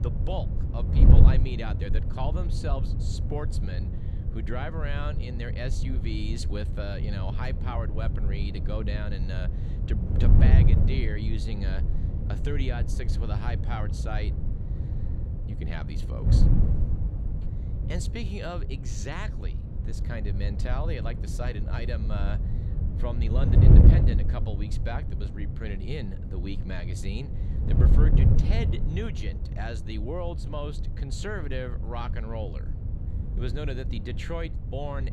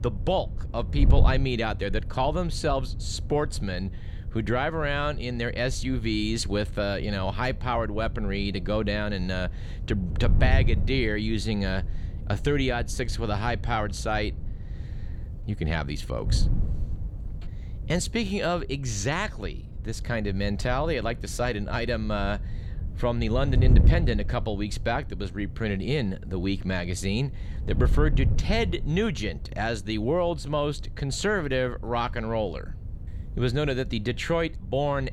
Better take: second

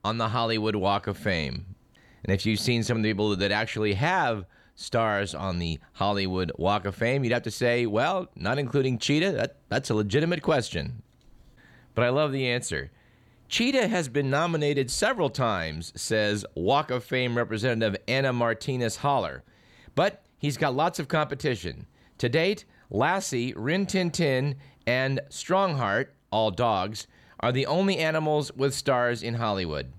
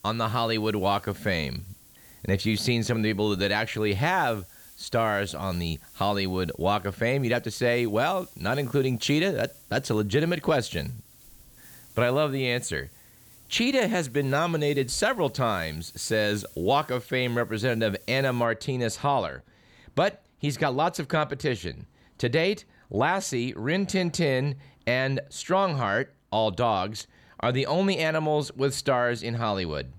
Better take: first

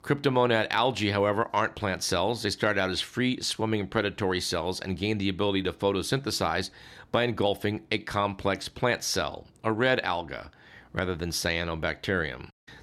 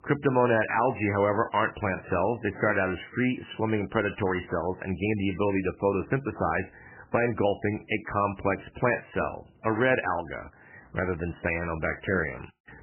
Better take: first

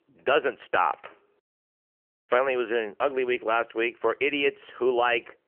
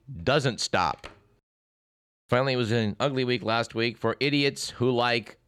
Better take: second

